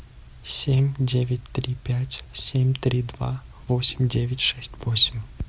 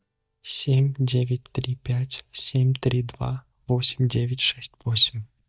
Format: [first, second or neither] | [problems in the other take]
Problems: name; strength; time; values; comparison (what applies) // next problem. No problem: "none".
first | noise reduction (neural mask model DeepFilterNet 3)